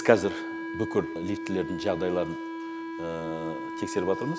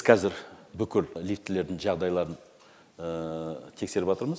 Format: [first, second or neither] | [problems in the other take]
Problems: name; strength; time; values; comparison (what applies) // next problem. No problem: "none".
second | background sound (Wind instrument, woodwind instrument); 6 dB below the speech